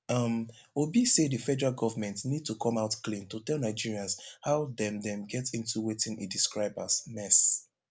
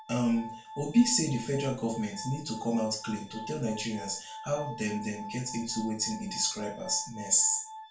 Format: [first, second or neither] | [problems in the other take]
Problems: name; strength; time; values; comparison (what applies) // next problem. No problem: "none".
first | background sound (Glass); 13 dB below the speech // room echo; dies away in 0.3 s